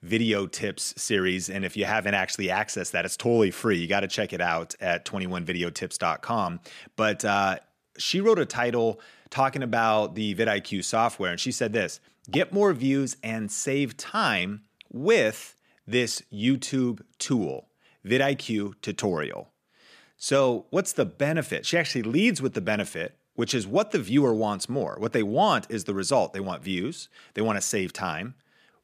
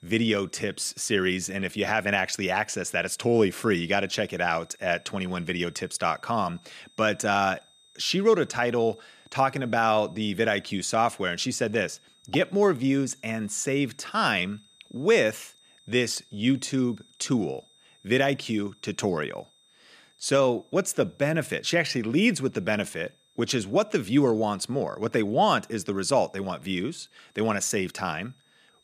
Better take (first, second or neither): first